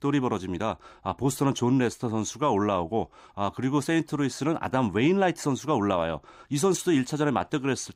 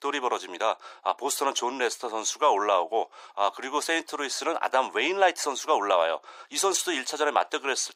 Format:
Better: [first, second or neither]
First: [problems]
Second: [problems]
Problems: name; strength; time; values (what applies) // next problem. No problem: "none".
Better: first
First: none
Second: thin; very; fading below 500 Hz